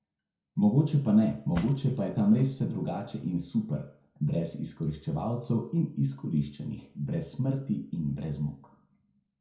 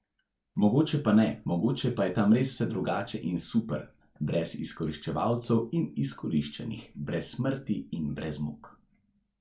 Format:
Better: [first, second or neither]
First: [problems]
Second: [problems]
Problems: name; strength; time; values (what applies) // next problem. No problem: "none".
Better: second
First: background sound (Cutlery, silverware / Drawer open or close); 15 dB below the speech // room echo; dies away in 0.5 s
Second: none